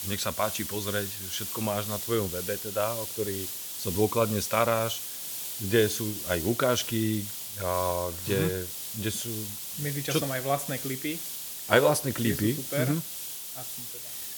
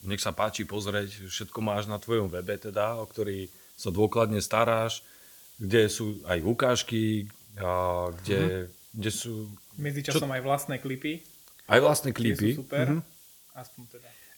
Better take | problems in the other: second | hiss; loud; throughout; 4 dB below the speech; faint in the second

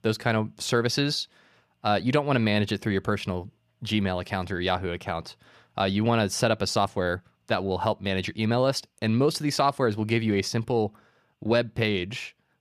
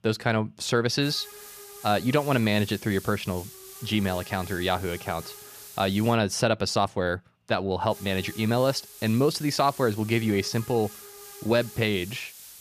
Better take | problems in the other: first | hiss; noticeable; from 1 to 6 s and from 8 s on; 15 dB below the speech

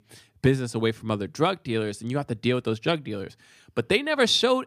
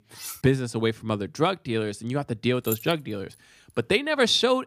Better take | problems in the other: first | clattering dishes; faint; at the start; peak 10 dB below the speech // jangling keys; noticeable; at 2.5 s; peak 8 dB below the speech

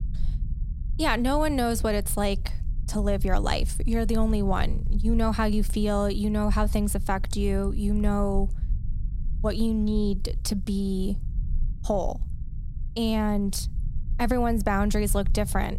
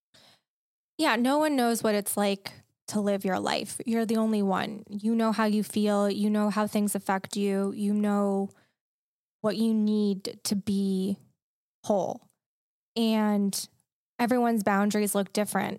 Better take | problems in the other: second | low rumble; faint; throughout; 20 dB below the speech

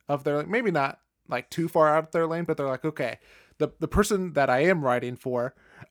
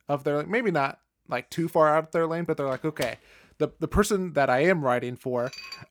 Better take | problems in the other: first | door banging; faint; at 2.5 s; peak 15 dB below the speech // clattering dishes; faint; at 5.5 s; peak 15 dB below the speech

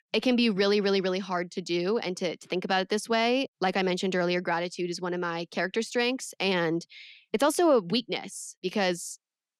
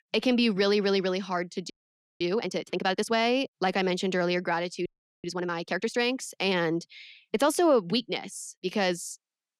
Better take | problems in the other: first | audio freezing; at 1.5 s for 0.5 s and at 5 s

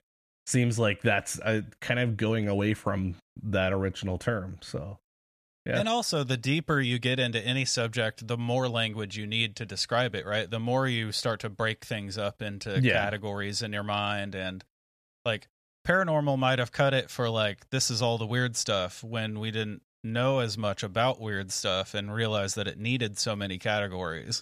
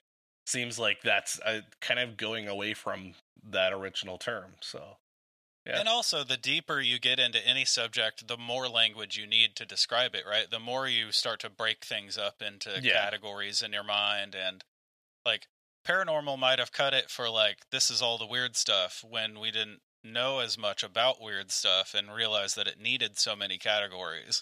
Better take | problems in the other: first | thin; somewhat; fading below 850 Hz

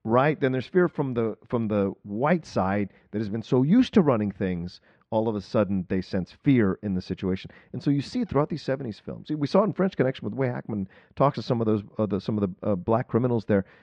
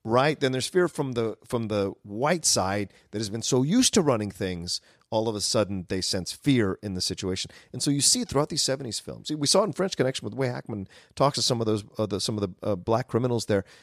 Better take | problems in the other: second | muffled; very; fading above 2.5 kHz

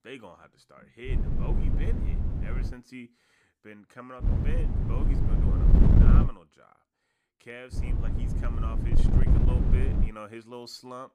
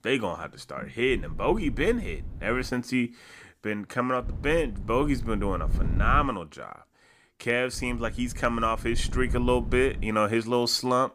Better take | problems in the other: second | wind noise on the microphone; heavy; from 1 to 2.5 s, from 4 to 6.5 s and from 8 to 10 s; 4 dB above the speech; occasional gusts in the second

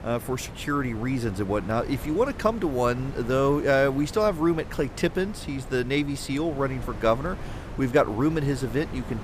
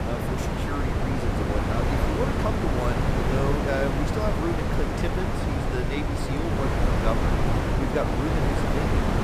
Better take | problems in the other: first | wind noise on the microphone; heavy; 3 dB above the speech; occasional gusts in the first

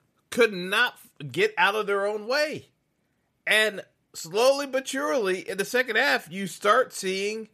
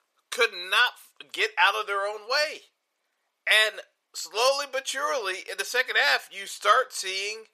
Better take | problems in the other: first | thin; very; fading below 550 Hz

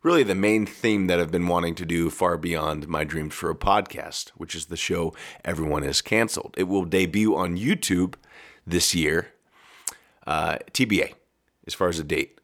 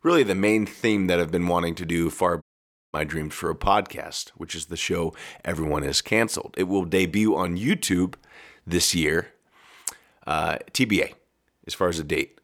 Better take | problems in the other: first | audio cutting out; at 2.5 s for 0.5 s

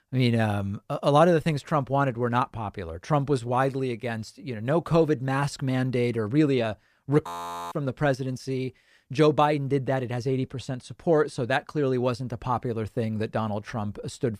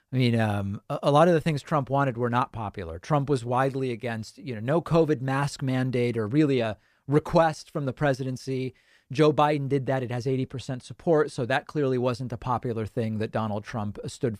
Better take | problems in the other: second | audio freezing; at 7.5 s

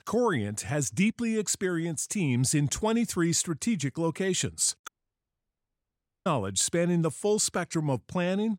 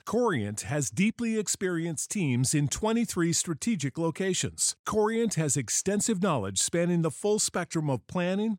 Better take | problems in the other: second | audio cutting out; at 5 s for 1.5 s

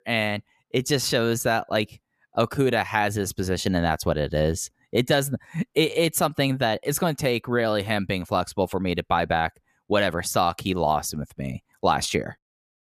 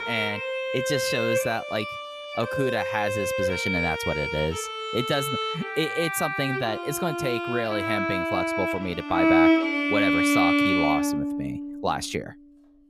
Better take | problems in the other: first | background music; very loud; throughout; 3 dB above the speech

